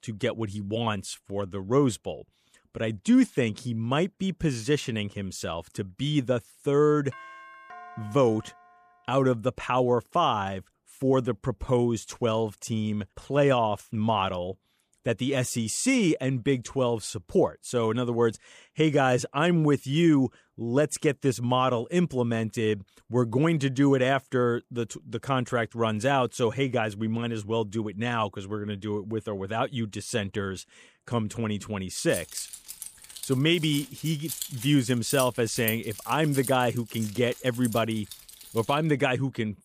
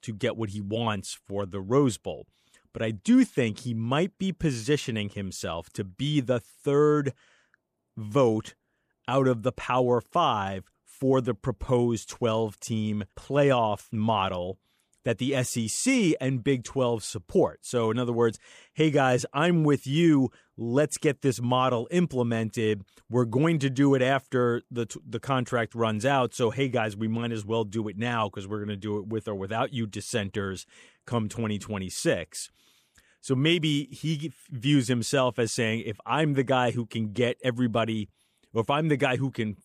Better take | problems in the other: second | doorbell; faint; from 7 to 9 s; peak 15 dB below the speech // jangling keys; noticeable; from 32 to 39 s; peak 6 dB below the speech

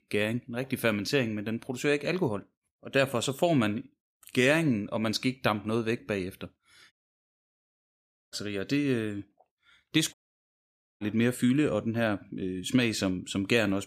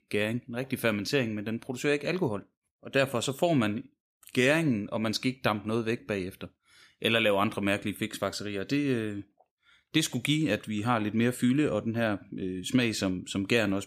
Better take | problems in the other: second | audio cutting out; at 7 s for 1.5 s and at 10 s for 1 s

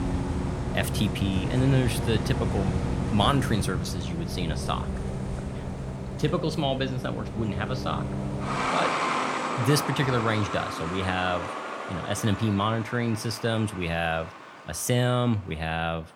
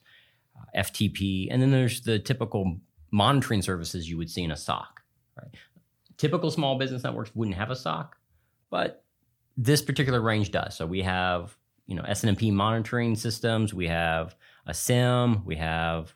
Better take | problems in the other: second | traffic noise; loud; throughout; 3 dB below the speech

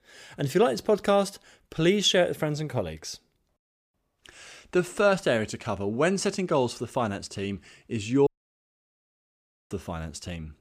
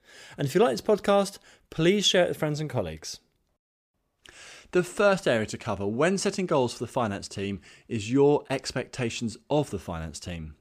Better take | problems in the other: second | audio cutting out; at 8.5 s for 1.5 s

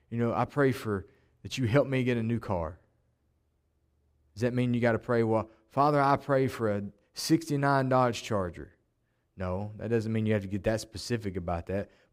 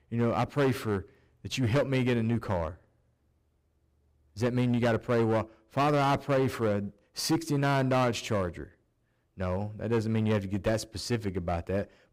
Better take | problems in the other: first | distortion; slight; 8% of the sound clipped

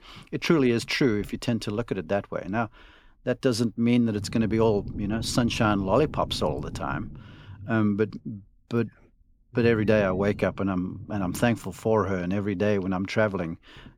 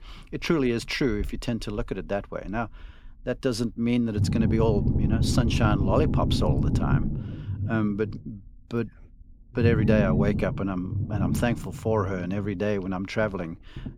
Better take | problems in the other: first | low rumble; loud; throughout; 6 dB below the speech; faint in the first

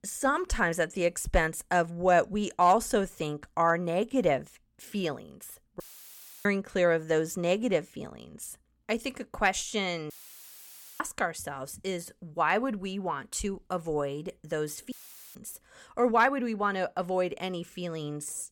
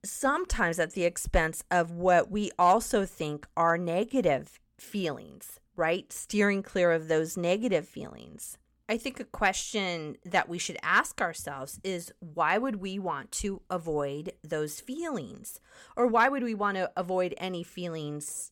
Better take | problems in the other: second | audio cutting out; filled with static; at 6 s for 0.5 s, at 10 s for 1 s and at 15 s

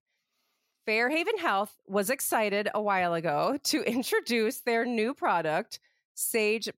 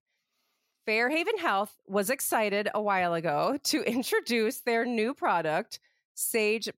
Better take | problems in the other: neither | none

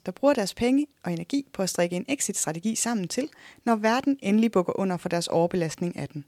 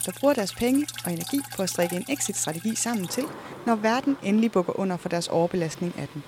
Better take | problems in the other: first | rain or running water; noticeable; throughout; 10 dB below the speech

